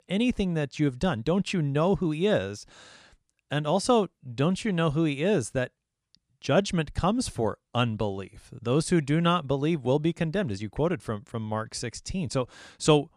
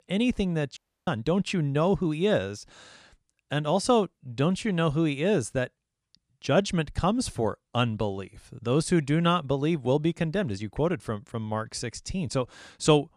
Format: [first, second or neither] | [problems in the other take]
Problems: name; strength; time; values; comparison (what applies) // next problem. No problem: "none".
first | audio cutting out; at 1 s